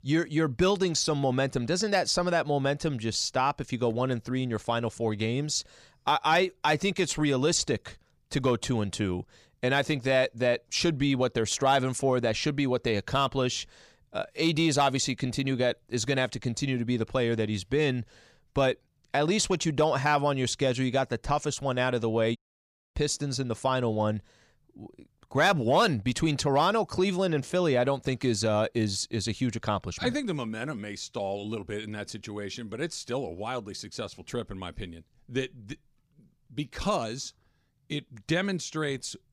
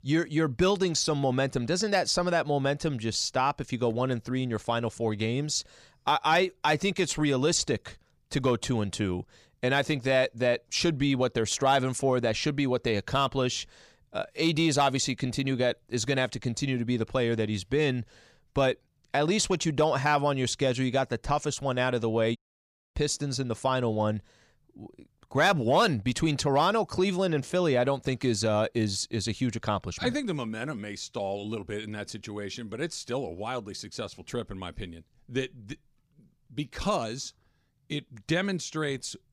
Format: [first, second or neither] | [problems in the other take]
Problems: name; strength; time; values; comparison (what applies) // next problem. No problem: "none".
neither | audio cutting out; at 22 s for 0.5 s; the same in both